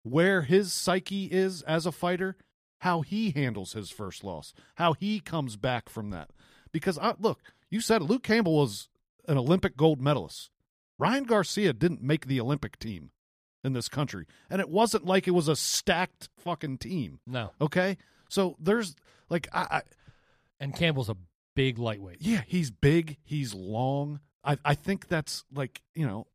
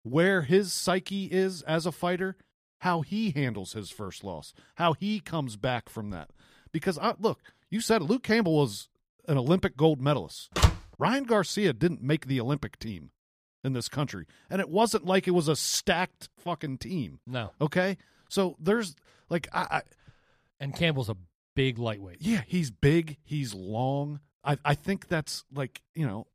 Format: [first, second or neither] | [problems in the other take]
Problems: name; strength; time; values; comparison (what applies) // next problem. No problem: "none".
first | door banging; loud; at 11 s; peak 3 dB above the speech